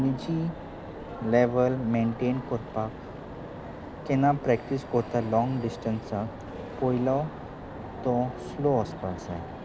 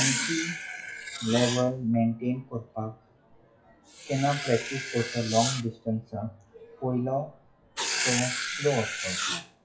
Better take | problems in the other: first | noise reduction (classical method WPE with log-MMSE)

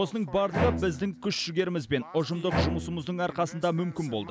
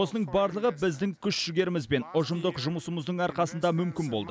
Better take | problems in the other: second | background sound (Bowed string instrument); 5 dB below the speech

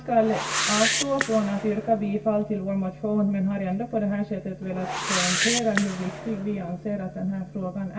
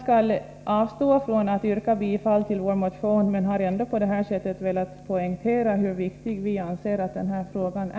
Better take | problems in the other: second | background sound (Whoosh, swoosh, swish); 4 dB below the speech // room echo; dies away in 0.2 s

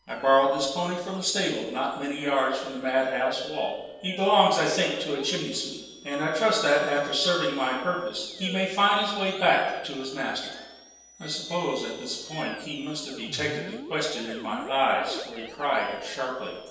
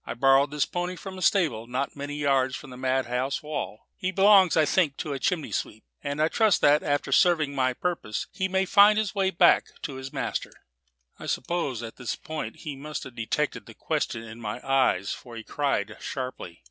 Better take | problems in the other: second | noise reduction (neural separator model SepFormer DNS4)

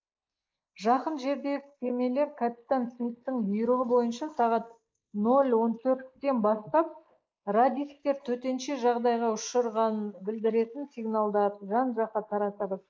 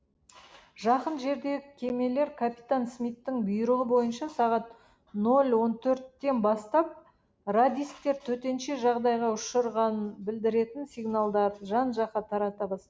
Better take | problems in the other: second | noise reduction (neural mask model Resemble Enhance denoiser)

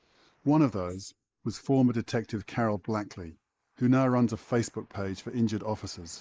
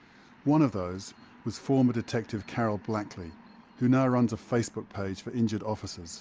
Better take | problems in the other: second | noise reduction (neural mask model Resemble Enhance denoiser)

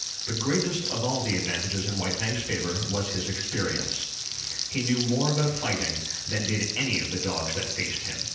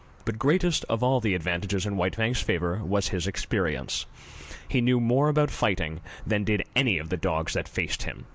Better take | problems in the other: second | background sound (Frying (food)); 3 dB below the speech // room echo; dies away in 0.9 s

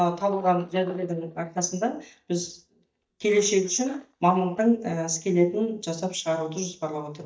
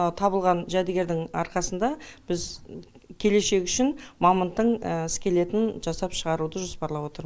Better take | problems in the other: second | noise reduction (neural mask model DeepFilterNet 3)

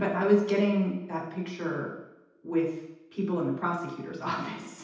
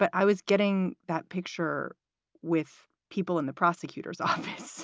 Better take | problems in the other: second | room echo; dies away in 0.8 s

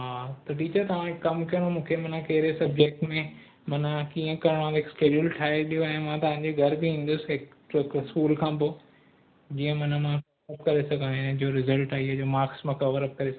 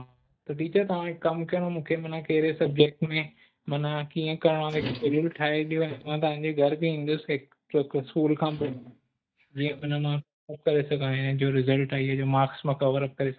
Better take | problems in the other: first | noise reduction (neural mask model DeepFilterNet 3)

